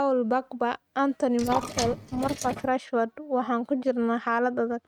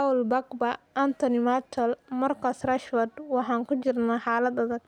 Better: second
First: noise reduction (neural mask model RNNoise)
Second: none

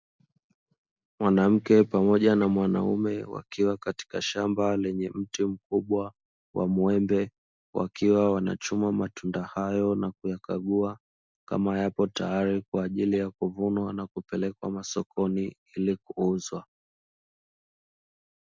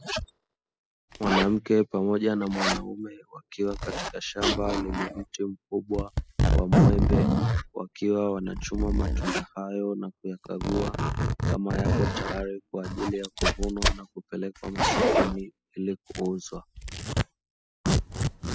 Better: first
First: none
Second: noise reduction (classical method spectral subtraction)

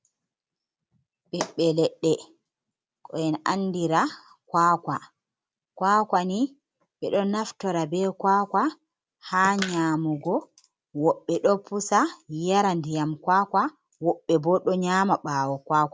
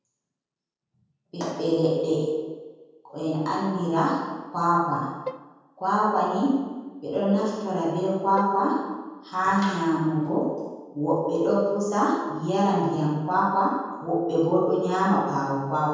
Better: first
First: none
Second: background sound (Bowed string instrument); 18 dB below the speech // room echo; dies away in 1.2 s

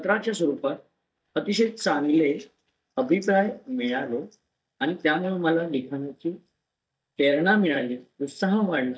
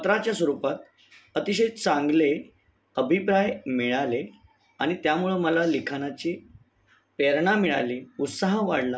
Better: second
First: noise reduction (neural mask model DeepFilterNet 3)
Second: none

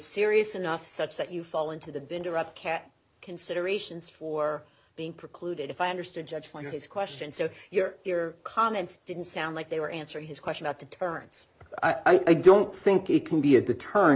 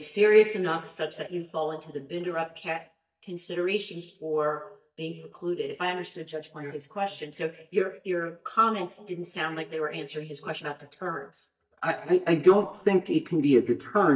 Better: first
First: none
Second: noise reduction (neural mask model DeepFilterNet 3)

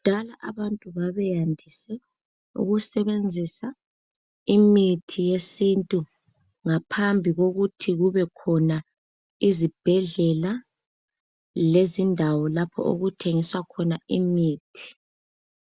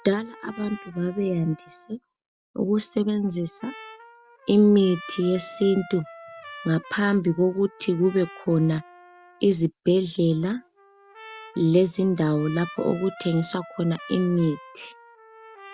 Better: first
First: none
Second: background sound (Trumpet); 20 dB below the speech

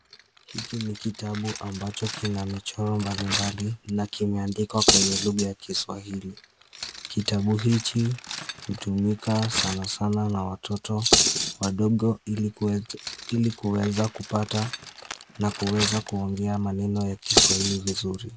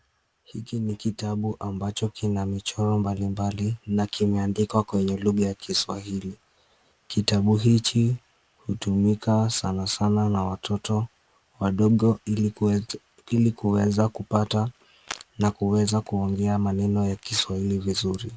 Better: second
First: background sound (Cutlery, silverware); 3 dB below the speech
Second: none

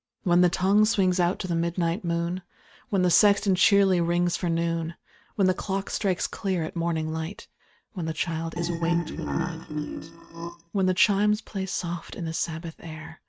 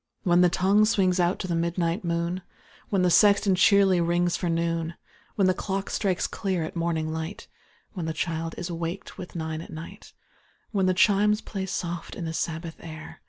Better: second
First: noise reduction (neural mask model RNNoise)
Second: none

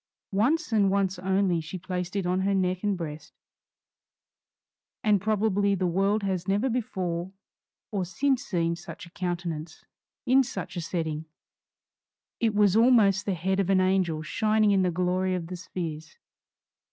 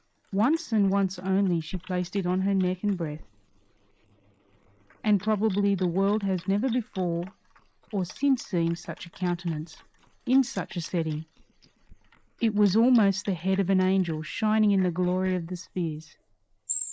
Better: first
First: none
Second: noise reduction (neural mask model Resemble Enhance denoiser)

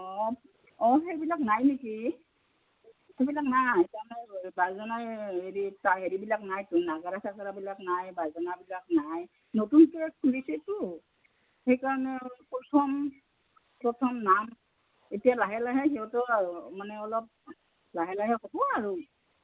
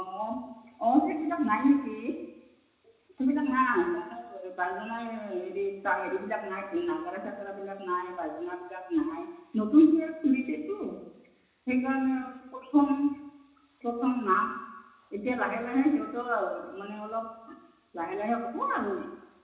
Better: first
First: none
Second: room echo; dies away in 1 s

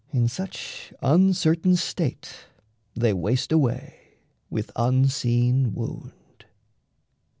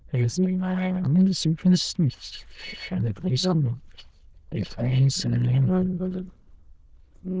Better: first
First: none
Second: noise reduction (neural diffusion model UNIVERSE++)

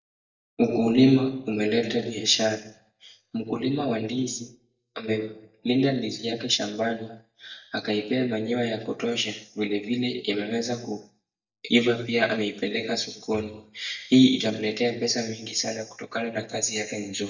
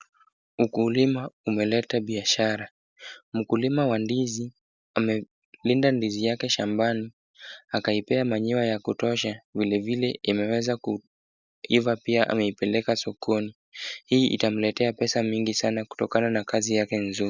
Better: second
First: noise reduction (neural mask model DeepFilterNet 3)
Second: none

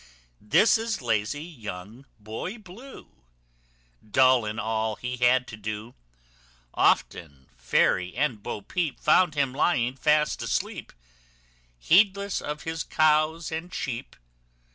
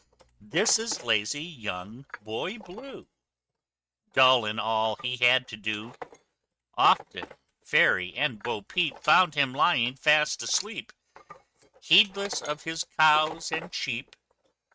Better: first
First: none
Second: noise reduction (neural mask model RNNoise)

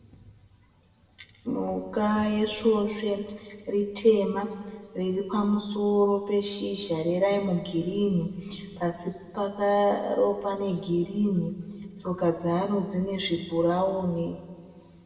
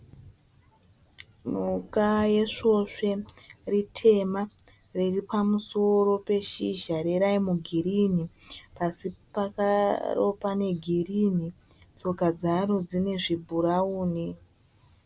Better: second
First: room echo; dies away in 1.5 s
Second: none

